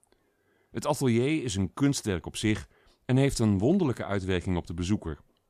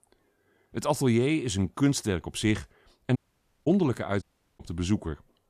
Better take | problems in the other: first | audio cutting out; at 3 s for 0.5 s and at 4 s

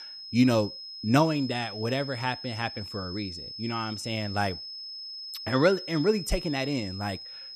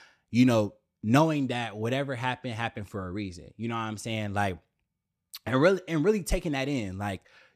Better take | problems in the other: second | high-pitched whine; loud; throughout; 5 kHz, 9 dB below the speech

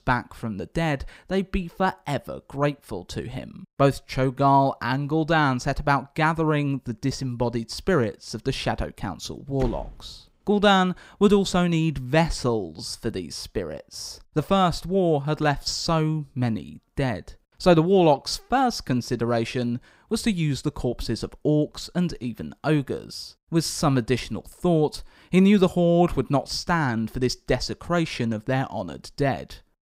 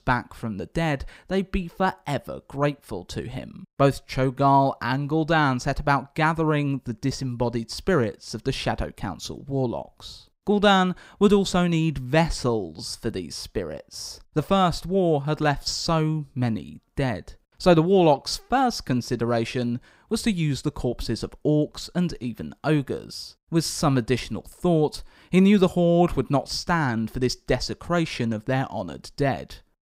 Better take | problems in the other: second | door banging; faint; at 9.5 s; peak 10 dB below the speech

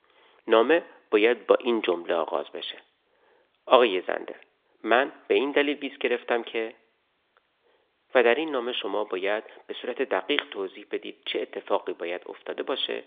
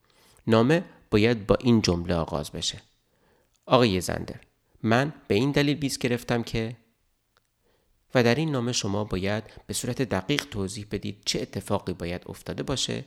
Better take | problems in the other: second | phone-call audio; nothing above 3.5 kHz

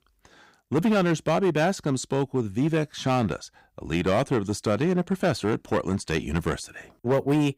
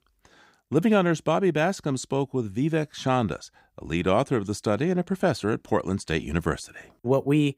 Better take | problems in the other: second | distortion; slight; 7% of the sound clipped

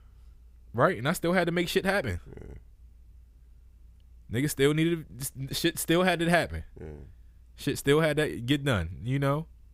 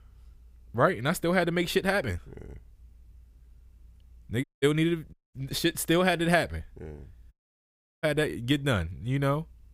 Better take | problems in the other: first | audio cutting out; at 4.5 s, at 5 s and at 7.5 s for 0.5 s

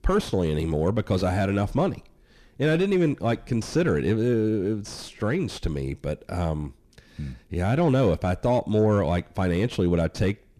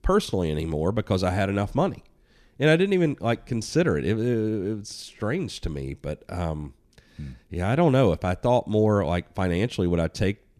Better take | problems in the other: second | distortion; slight; 10 dB below the speech

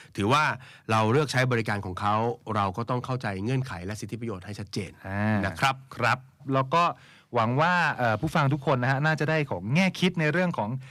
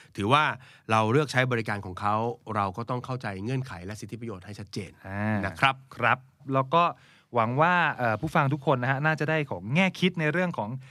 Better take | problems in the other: second | distortion; slight; 10 dB below the speech

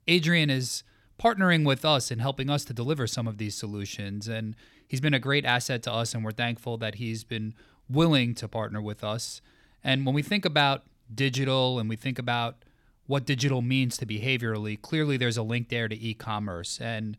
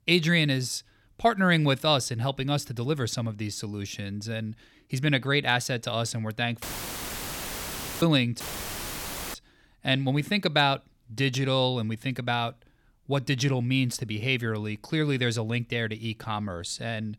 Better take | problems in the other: first | audio cutting out; filled with static; at 6.5 s for 1.5 s and at 8.5 s for 1 s

